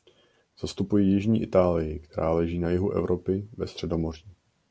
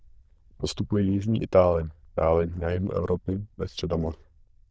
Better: first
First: none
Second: noise reduction (neural diffusion model UNIVERSE++)

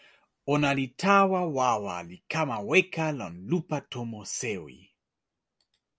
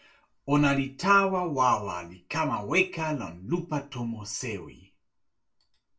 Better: first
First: none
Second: room echo; dies away in 0.2 s

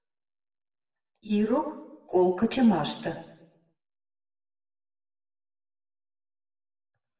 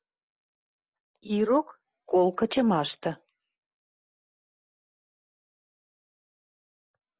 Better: second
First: room echo; dies away in 0.9 s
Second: none

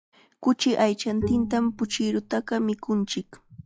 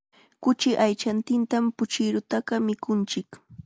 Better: second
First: noise reduction (classical method log-MMSE)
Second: none

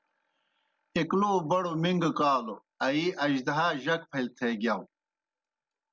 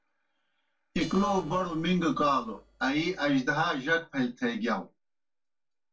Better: first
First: none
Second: noise reduction (neural separator model SepFormer DNS4)

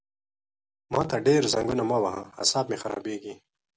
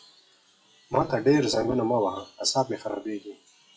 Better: first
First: none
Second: noise reduction (classical method WPE with log-MMSE)

